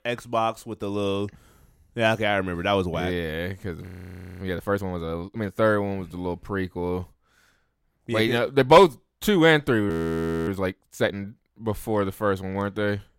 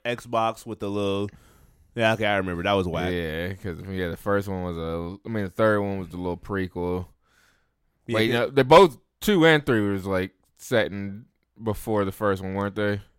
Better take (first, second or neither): second